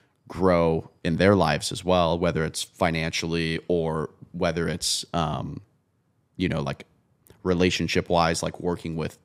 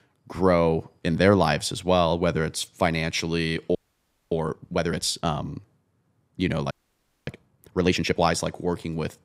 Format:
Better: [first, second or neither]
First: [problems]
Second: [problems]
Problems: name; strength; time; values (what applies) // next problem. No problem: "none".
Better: first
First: none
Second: audio freezing; at 4 s for 0.5 s and at 6.5 s for 0.5 s